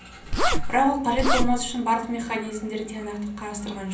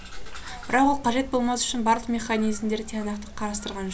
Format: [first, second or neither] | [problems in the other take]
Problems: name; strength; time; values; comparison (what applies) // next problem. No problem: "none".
second | background sound (Zipper (clothing)); 5 dB above the speech // room echo; dies away in 0.6 s